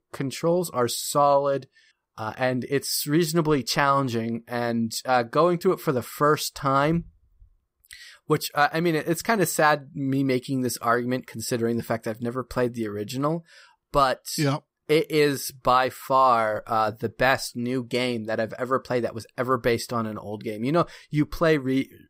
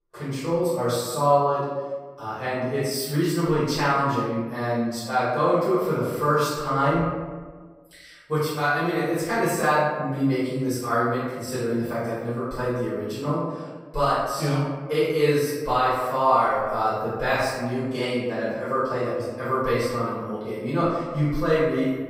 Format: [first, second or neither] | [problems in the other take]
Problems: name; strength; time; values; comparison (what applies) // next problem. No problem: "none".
first | room echo; strong; dies away in 1.2 s // off-mic speech; far